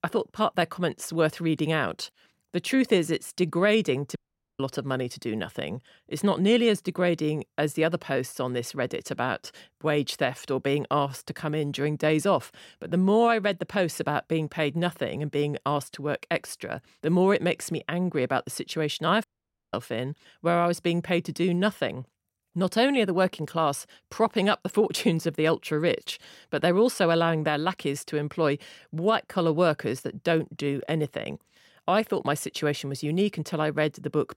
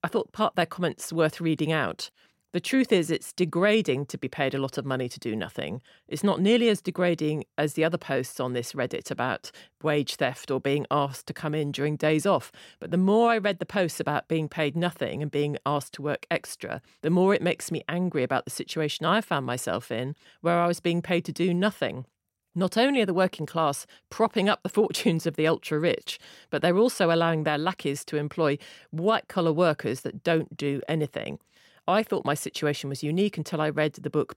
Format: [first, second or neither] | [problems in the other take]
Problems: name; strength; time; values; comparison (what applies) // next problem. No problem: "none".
second | audio cutting out; at 4 s and at 19 s